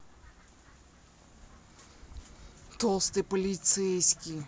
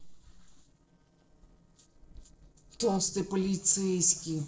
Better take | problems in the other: first | noise reduction (neural separator model SepFormer DNS4)

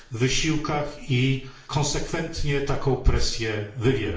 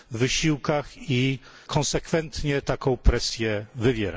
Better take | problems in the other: second | room echo; dies away in 0.6 s

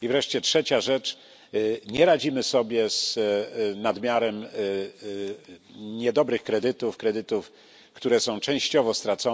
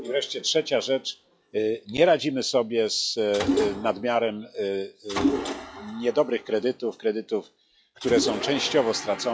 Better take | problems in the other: first | noise reduction (classical method log-MMSE)

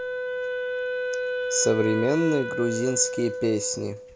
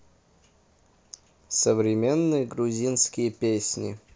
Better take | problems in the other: second | background sound (Wind instrument, woodwind instrument); 4 dB below the speech

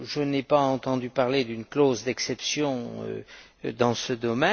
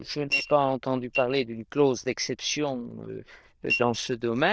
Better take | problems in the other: first | noise reduction (neural diffusion model UNIVERSE++)

